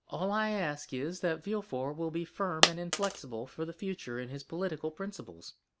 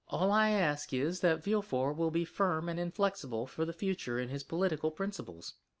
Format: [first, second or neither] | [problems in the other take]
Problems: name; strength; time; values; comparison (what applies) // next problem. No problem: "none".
second | background sound (Coin (dropping)); 2 dB above the speech